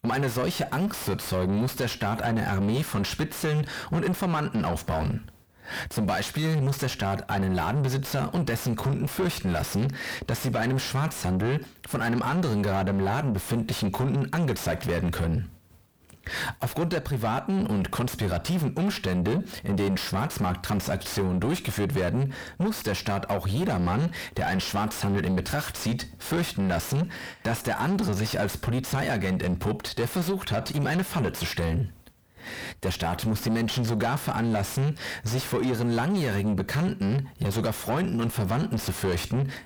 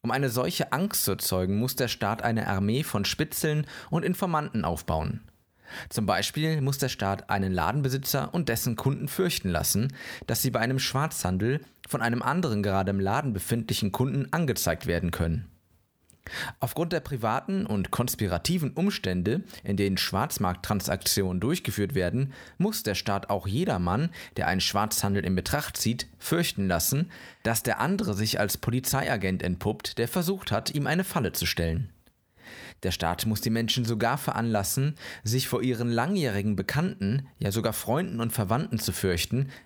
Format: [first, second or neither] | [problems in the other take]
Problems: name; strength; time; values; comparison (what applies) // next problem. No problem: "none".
second | distortion; heavy; 5 dB below the speech